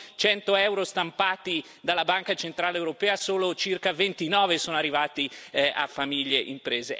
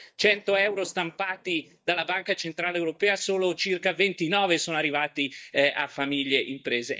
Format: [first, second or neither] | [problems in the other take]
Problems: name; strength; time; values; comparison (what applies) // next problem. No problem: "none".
first | noise reduction (neural mask model DeepFilterNet 3)